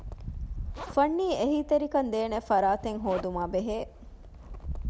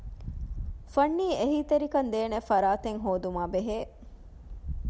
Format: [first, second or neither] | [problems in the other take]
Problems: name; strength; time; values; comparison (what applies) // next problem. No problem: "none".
second | background sound (Zipper (clothing)); 20 dB below the speech